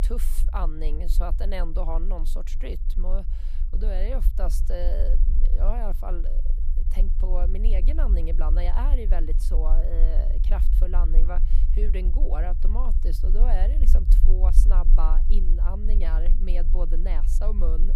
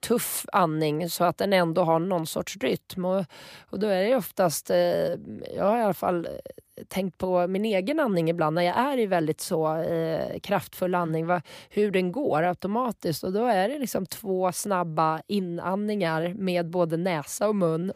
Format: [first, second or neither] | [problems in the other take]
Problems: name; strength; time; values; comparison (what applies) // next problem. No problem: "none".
second | low rumble; noticeable; throughout; 10 dB below the speech